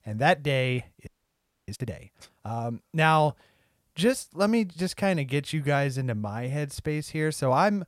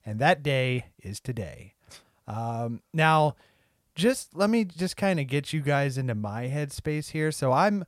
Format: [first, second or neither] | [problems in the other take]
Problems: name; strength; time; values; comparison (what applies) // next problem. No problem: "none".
second | audio freezing; at 1 s for 0.5 s